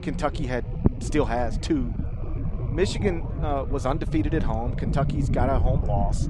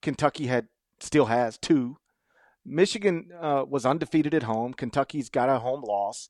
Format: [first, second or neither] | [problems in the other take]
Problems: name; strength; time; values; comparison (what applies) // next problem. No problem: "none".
second | low rumble; loud; throughout; 9 dB below the speech